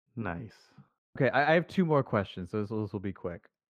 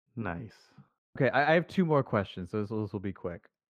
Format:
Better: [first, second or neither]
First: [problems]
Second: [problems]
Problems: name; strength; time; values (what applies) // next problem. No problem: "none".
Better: neither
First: muffled; slightly; fading above 4 kHz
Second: muffled; slightly; fading above 4 kHz